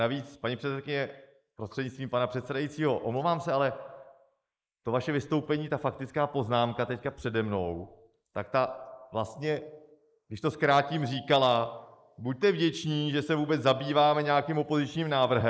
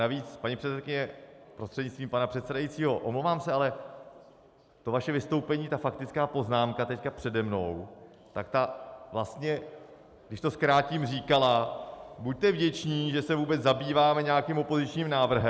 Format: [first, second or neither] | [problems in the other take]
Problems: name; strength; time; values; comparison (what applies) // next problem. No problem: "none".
second | noise reduction (neural mask model Resemble Enhance denoiser)